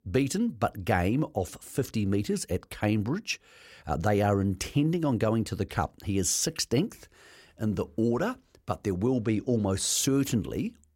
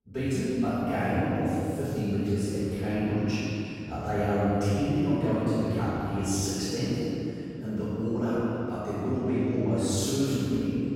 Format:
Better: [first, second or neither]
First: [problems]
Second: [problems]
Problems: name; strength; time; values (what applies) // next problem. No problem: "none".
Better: first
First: none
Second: off-mic speech; far // room echo; strong; dies away in 2.7 s